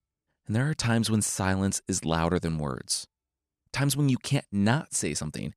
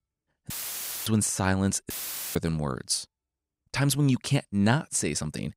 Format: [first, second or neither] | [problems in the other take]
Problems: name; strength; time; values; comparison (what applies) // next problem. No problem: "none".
first | audio cutting out; filled with static; at 0.5 s for 0.5 s and at 2 s